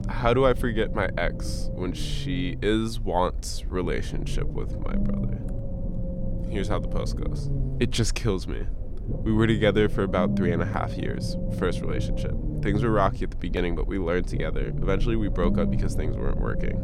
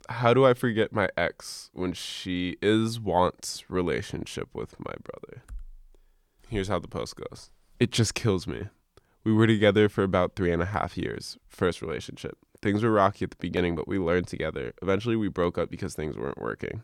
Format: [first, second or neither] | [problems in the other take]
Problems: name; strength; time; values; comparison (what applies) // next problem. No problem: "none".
second | low rumble; noticeable; throughout; 10 dB below the speech